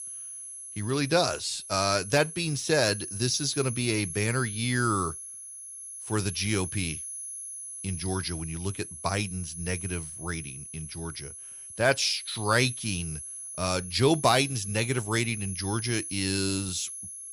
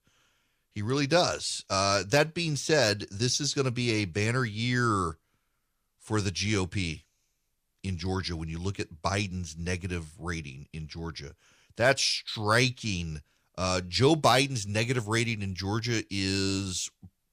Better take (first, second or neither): second